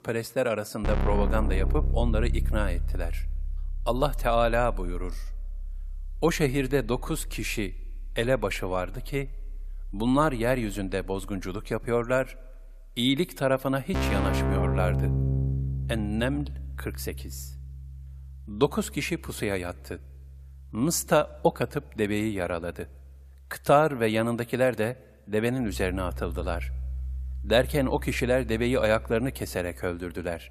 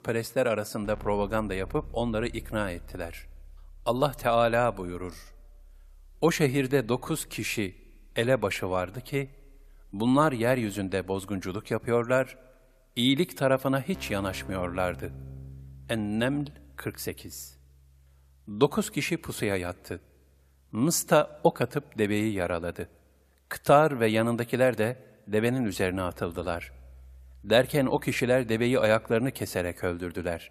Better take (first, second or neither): second